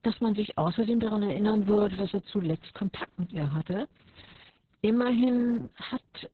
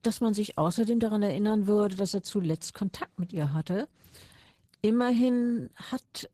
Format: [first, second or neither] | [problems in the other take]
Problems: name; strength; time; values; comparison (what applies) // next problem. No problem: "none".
second | garbled, watery; badly; nothing above 4 kHz; slightly in the second